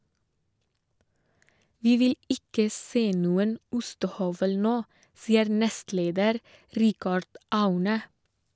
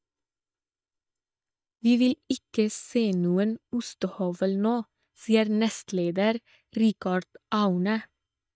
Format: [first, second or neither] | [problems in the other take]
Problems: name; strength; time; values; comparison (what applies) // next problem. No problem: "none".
first | noise reduction (neural mask model DeepFilterNet 3)